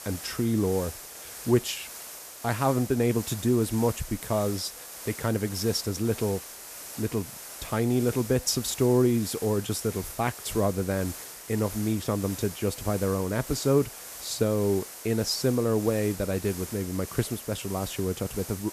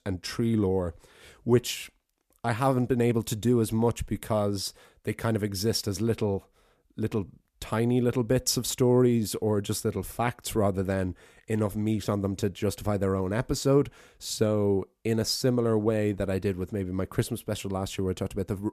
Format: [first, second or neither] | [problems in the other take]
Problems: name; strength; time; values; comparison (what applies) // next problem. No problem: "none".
second | hiss; noticeable; throughout; 10 dB below the speech